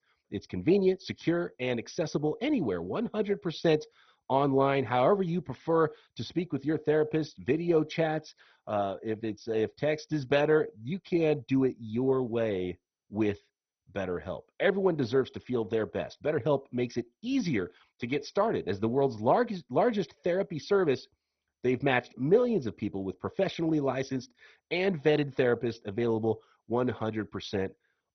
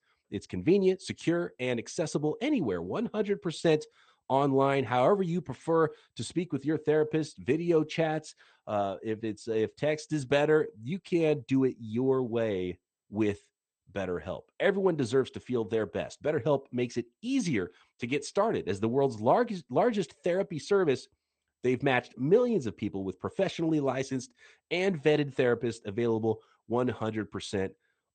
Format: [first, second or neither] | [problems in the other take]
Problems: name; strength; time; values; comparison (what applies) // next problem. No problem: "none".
second | garbled, watery; badly; nothing above 6 kHz; slightly in the second